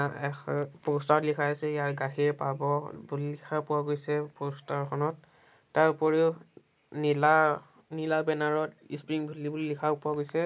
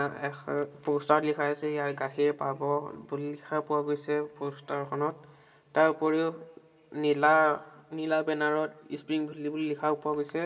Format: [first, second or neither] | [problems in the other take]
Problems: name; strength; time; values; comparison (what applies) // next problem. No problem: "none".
first | room echo; dies away in 0.4 s